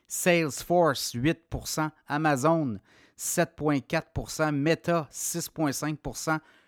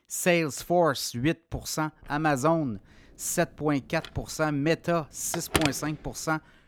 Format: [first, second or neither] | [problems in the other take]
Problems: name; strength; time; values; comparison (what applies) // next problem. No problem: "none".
first | phone ringing; loud; from 4 to 5.5 s; peak level with the speech